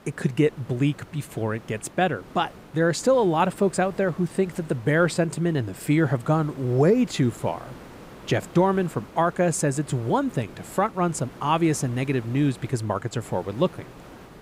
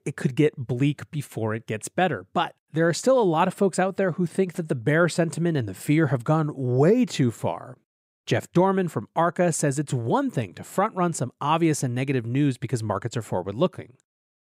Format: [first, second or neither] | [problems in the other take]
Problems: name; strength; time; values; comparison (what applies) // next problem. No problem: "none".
second | hiss; faint; throughout; 20 dB below the speech